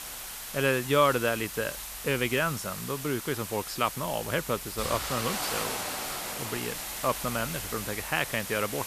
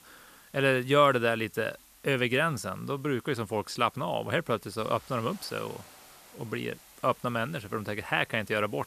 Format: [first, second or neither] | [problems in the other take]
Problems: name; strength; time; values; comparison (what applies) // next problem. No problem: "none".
second | hiss; loud; throughout; 5 dB below the speech; faint in the second